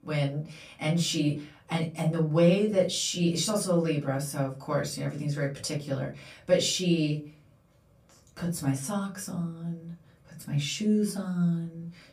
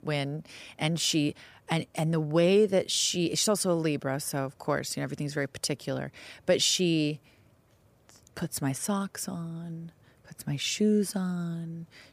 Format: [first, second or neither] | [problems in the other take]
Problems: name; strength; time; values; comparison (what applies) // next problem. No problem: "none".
second | off-mic speech; far // room echo; very slight; dies away in 0.2 s